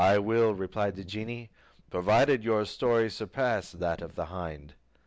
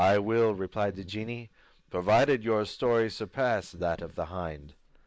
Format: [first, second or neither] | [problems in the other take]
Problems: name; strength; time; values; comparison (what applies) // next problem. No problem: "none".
first | noise reduction (neural mask model Resemble Enhance denoiser)